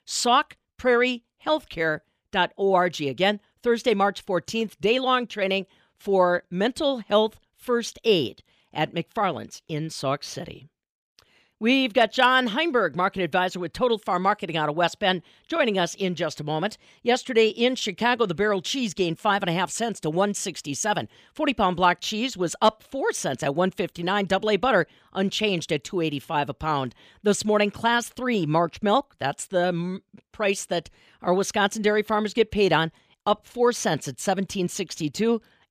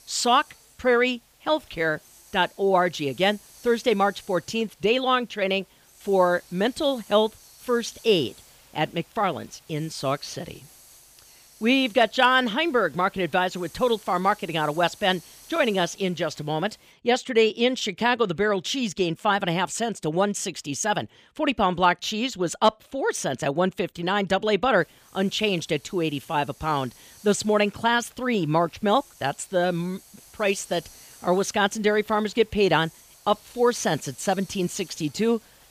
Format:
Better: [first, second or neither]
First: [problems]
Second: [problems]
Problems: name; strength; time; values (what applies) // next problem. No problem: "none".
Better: first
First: none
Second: hiss; faint; until 17 s and from 25 s on; 25 dB below the speech